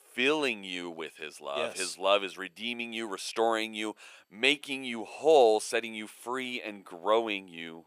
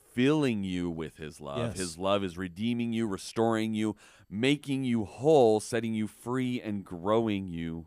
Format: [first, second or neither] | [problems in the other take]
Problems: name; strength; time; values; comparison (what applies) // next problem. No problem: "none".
second | thin; somewhat; fading below 550 Hz